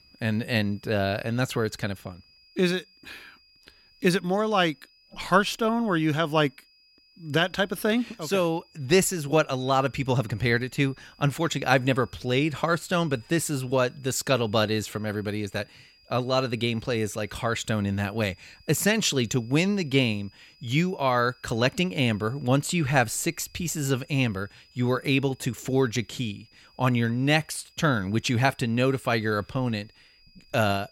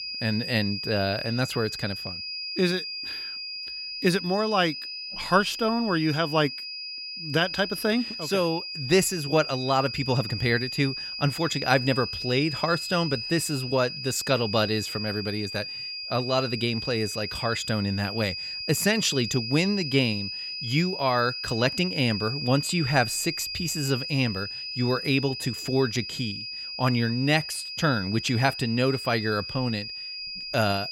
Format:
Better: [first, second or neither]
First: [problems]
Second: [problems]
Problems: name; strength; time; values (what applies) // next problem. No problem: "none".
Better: first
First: high-pitched whine; faint; throughout; 5 kHz, 30 dB below the speech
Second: high-pitched whine; loud; throughout; 5 kHz, 6 dB below the speech